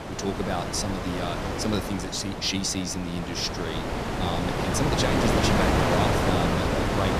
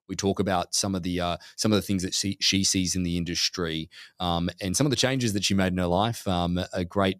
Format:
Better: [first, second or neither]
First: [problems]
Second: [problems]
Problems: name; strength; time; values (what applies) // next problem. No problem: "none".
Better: second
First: wind noise on the microphone; heavy; 3 dB above the speech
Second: none